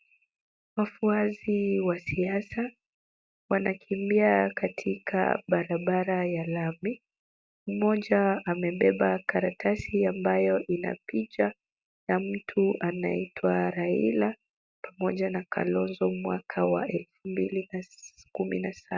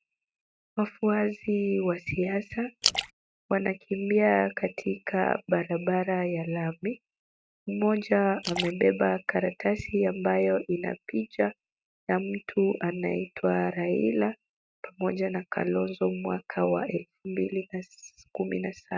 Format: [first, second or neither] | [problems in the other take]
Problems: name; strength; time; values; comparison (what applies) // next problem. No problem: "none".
first | noise reduction (neural mask model RNNoise)